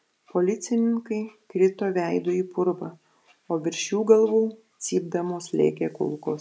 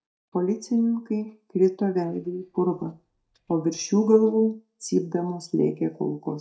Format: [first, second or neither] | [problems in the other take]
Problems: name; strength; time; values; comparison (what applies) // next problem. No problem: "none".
first | noise reduction (neural mask model DeepFilterNet 3)